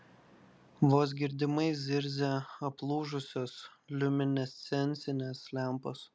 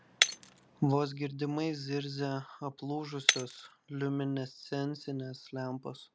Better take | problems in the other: first | background sound (Shatter); 3 dB below the speech

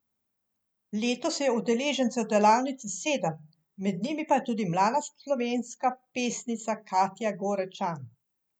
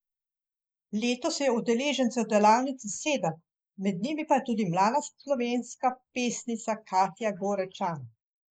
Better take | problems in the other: first | noise reduction (neural mask model Resemble Enhance denoiser)

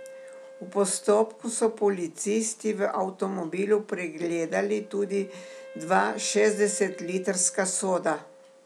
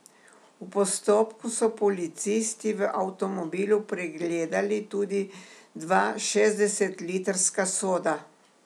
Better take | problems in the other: second | background sound (Wind instrument, woodwind instrument); 20 dB below the speech

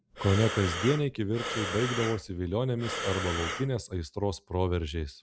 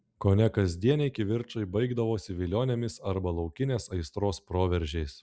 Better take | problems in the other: second | background sound (Breathing); 6 dB below the speech

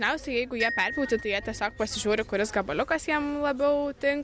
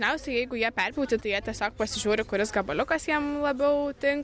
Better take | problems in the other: second | background sound (Glockenspiel); 12 dB below the speech

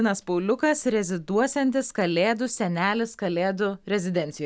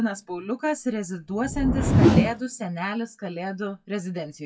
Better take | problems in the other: first | noise reduction (classical method WPE with log-MMSE)

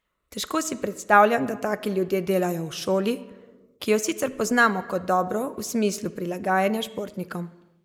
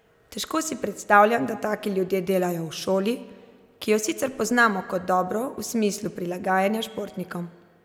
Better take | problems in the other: second | noise reduction (neural mask model Resemble Enhance denoiser)

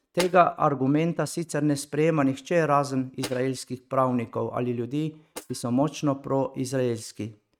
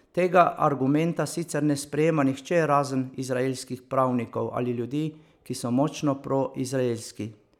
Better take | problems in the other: second | noise reduction (neural mask model RNNoise)

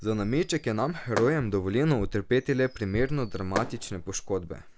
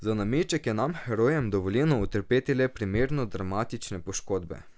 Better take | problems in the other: second | background sound (Fireworks); 13 dB below the speech

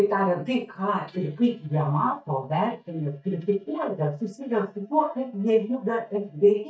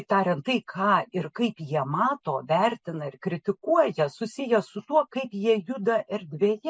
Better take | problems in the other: second | noise reduction (neural mask model DeepFilterNet 3)

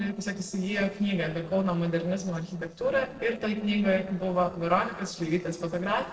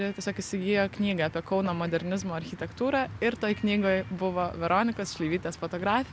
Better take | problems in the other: second | noise reduction (neural separator model SepFormer DNS4)

